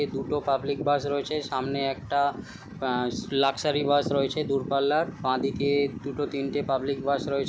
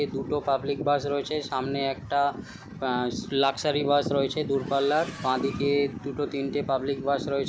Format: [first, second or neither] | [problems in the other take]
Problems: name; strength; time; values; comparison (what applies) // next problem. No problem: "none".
first | background sound (Accelerating, revving, vroom); 18 dB below the speech